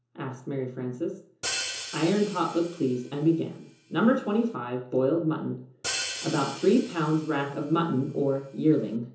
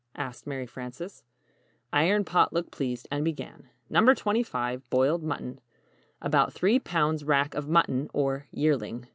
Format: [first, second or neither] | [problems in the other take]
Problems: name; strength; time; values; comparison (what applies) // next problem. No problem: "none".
second | background sound (Hi-hat); 11 dB below the speech // room echo; dies away in 0.6 s